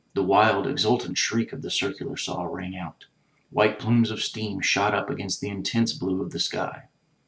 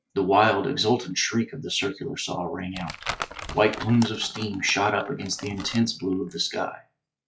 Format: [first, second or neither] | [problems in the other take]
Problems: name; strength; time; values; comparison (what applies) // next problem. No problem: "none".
first | noise reduction (classical method log-MMSE)